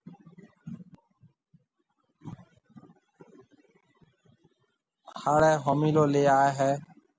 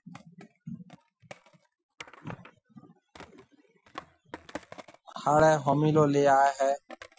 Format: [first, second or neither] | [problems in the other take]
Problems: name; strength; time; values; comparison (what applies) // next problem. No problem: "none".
first | noise reduction (classical method Wiener filter)